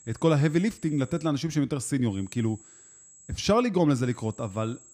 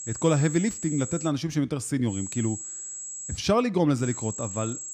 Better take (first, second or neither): first